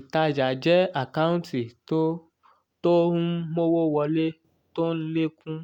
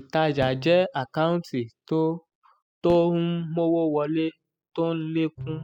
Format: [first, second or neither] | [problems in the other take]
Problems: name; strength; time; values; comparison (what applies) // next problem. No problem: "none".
first | noise reduction (classical method spectral subtraction)